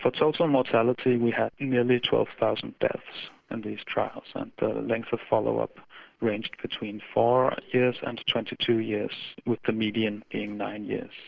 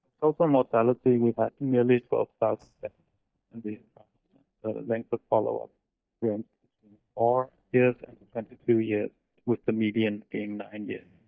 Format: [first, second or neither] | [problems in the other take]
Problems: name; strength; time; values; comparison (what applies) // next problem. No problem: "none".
first | noise reduction (neural mask model DeepFilterNet 3)